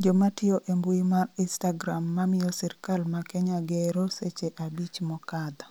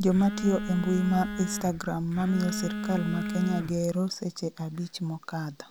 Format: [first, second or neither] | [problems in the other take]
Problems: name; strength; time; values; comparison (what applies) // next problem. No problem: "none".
first | background sound (Telephone); 6 dB below the speech